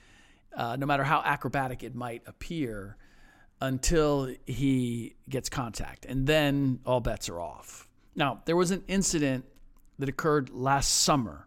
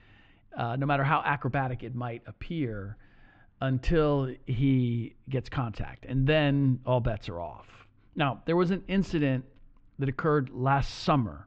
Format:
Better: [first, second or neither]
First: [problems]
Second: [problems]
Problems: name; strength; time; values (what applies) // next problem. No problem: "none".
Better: first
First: none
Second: muffled; very; fading above 3.5 kHz